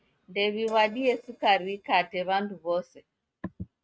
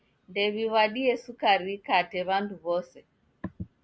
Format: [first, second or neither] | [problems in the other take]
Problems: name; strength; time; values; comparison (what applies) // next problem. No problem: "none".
second | noise reduction (neural mask model RNNoise)